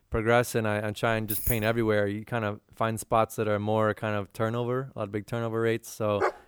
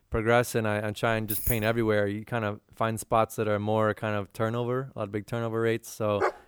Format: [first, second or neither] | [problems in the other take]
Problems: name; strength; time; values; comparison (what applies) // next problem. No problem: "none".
neither | jangling keys; loud; at 1 s; peak level with the speech; the same in both // dog barking; very faint; at 6 s; peak 2 dB below the speech; the same in both